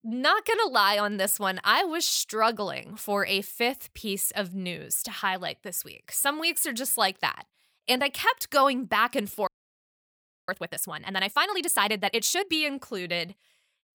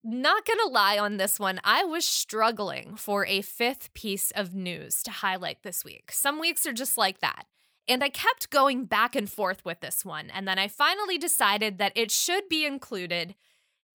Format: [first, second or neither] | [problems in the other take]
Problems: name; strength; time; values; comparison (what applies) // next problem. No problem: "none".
second | audio freezing; at 9.5 s for 1 s